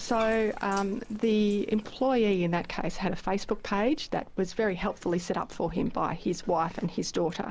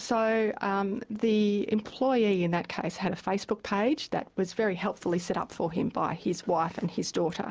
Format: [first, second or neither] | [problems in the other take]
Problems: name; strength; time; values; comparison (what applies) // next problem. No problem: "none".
second | background sound (Bathtub (filling or washing)); 14 dB below the speech